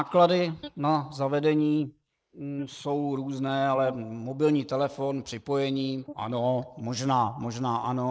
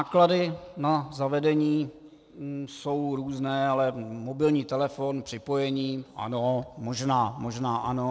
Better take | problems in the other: second | noise reduction (neural mask model Resemble Enhance denoiser)

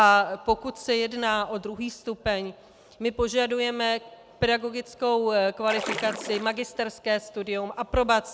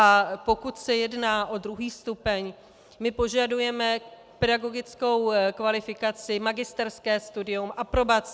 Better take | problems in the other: second | background sound (Splash, splatter); 9 dB below the speech

